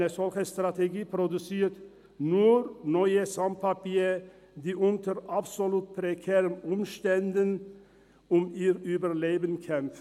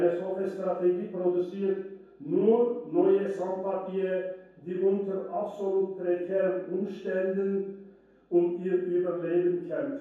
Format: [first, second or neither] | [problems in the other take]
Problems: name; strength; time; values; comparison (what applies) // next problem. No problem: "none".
first | room echo; dies away in 0.7 s